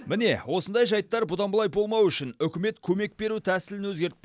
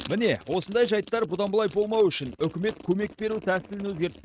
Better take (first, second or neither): first